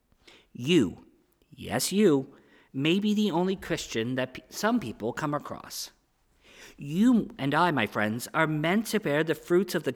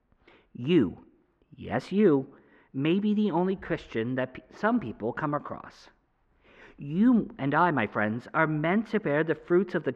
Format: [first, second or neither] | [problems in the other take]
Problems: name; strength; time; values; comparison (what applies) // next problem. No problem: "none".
first | muffled; very; fading above 1.5 kHz